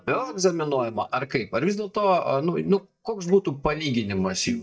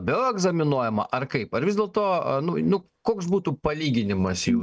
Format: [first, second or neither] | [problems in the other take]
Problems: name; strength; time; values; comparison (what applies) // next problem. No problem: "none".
second | noise reduction (neural mask model DeepFilterNet 3)